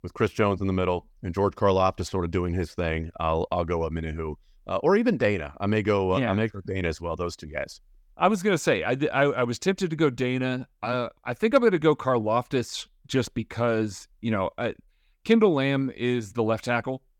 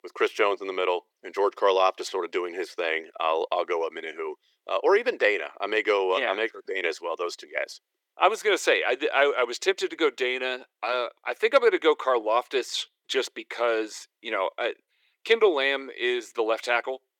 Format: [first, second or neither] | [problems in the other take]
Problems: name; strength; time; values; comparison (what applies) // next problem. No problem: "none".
first | thin; very; fading below 350 Hz